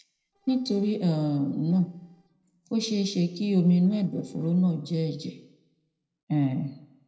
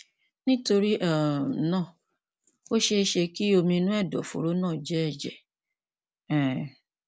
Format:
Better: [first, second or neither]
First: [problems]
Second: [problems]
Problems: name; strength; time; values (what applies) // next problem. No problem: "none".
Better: second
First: noise reduction (neural separator model SepFormer DNS4)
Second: none